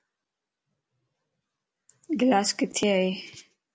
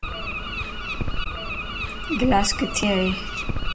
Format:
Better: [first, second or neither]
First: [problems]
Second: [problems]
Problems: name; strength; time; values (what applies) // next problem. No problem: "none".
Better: first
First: none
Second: background sound (Bird); as loud as the speech // room echo; dies away in 0.4 s